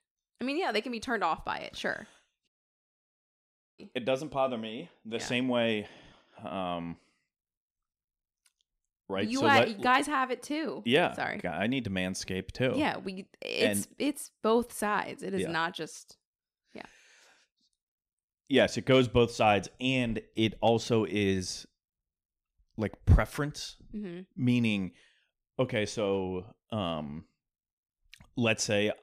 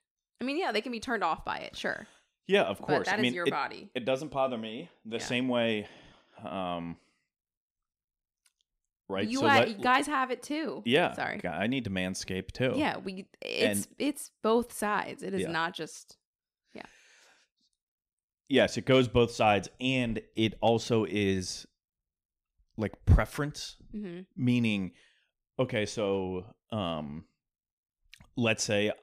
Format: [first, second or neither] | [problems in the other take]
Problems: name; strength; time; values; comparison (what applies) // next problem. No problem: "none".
second | audio cutting out; at 2.5 s for 1.5 s